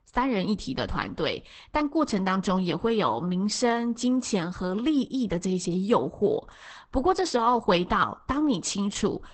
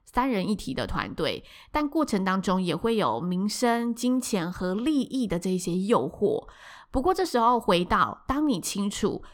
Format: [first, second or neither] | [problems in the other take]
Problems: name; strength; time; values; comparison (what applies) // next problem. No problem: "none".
second | garbled, watery; badly; nothing above 8 kHz